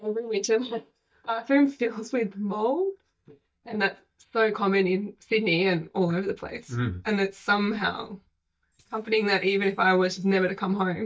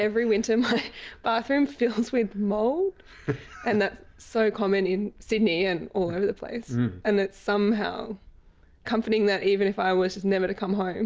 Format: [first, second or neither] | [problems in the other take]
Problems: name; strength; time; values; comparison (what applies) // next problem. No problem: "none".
second | noise reduction (neural mask model DeepFilterNet 3)